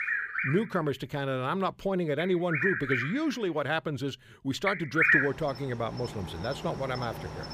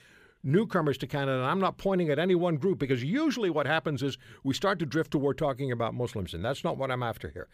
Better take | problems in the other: second | animal sounds; very loud; throughout; 1 dB above the speech

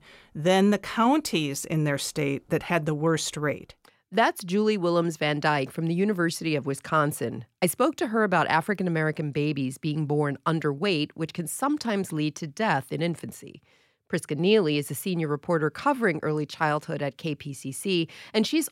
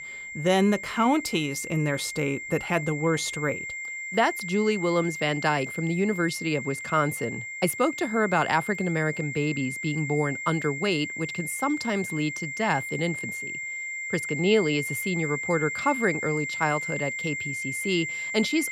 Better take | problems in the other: first | high-pitched whine; loud; throughout; 2 kHz, 5 dB below the speech

